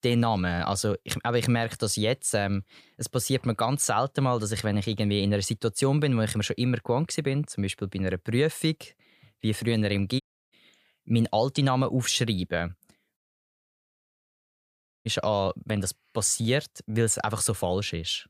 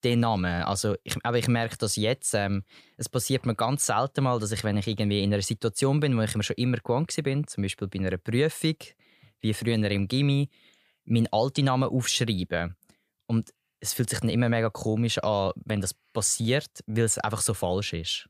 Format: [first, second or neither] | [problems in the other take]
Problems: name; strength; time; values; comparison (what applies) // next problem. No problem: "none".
second | audio cutting out; at 10 s and at 13 s for 2 s